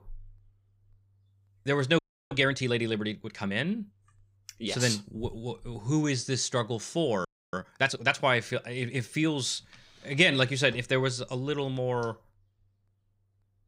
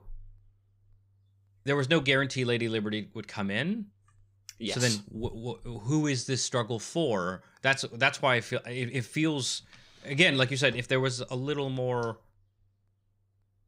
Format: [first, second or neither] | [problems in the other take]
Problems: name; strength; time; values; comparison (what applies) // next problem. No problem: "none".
second | audio freezing; at 2 s and at 7.5 s